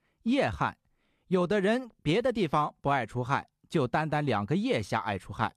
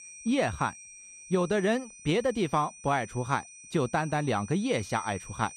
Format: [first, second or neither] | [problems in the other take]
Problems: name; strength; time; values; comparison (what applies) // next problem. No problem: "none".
first | high-pitched whine; noticeable; throughout; 6 kHz, 15 dB below the speech